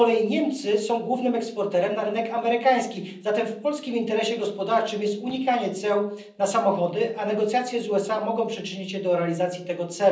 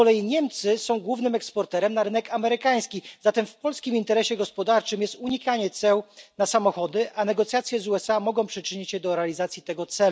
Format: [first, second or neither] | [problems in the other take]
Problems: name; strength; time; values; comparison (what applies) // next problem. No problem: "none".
second | room echo; dies away in 0.6 s